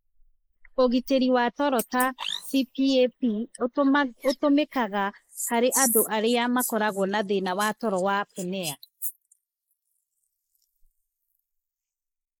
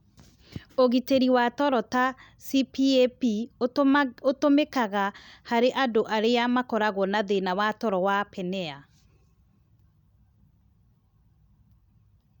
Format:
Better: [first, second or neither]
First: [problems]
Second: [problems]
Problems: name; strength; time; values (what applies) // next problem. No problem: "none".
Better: second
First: noise reduction (neural mask model Resemble Enhance denoiser)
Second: none